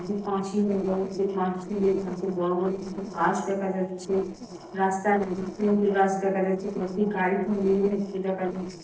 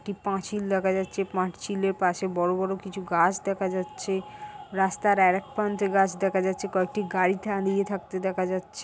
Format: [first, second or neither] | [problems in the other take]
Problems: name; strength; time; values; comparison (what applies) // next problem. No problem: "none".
second | noise reduction (neural separator model SepFormer DNS4)